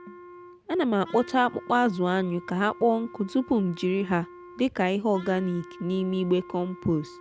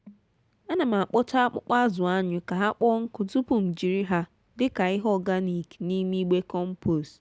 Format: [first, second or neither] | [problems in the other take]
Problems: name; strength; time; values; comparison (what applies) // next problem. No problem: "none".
second | background sound (Wind instrument, woodwind instrument); 19 dB below the speech